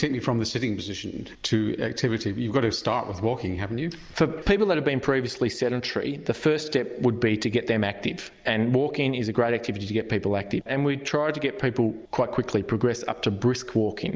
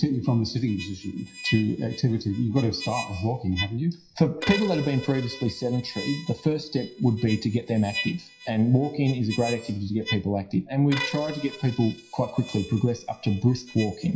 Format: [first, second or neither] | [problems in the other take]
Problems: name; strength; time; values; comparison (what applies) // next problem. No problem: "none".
first | noise reduction (classical method WPE with log-MMSE)